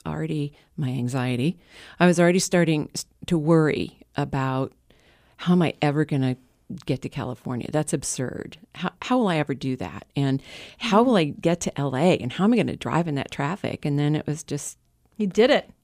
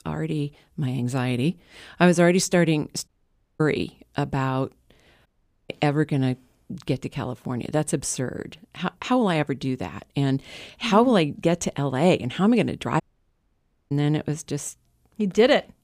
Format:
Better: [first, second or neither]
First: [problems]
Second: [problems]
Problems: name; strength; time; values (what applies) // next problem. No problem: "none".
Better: first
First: none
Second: audio cutting out; at 3 s for 0.5 s, at 5.5 s and at 13 s for 1 s